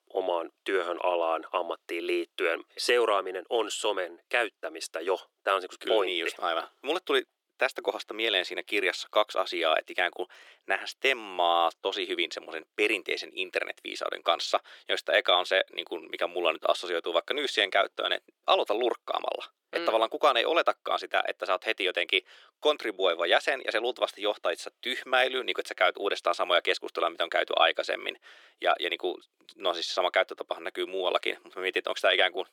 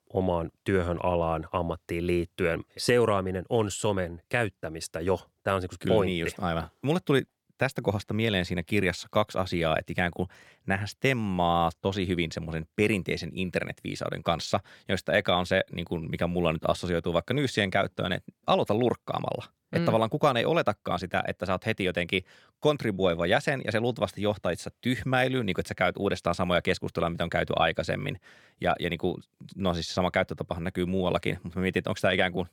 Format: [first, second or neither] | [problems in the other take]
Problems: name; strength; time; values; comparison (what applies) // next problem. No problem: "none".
second | thin; very; fading below 350 Hz